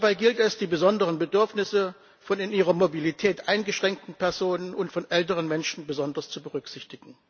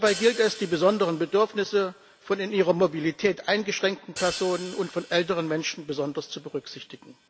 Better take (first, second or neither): first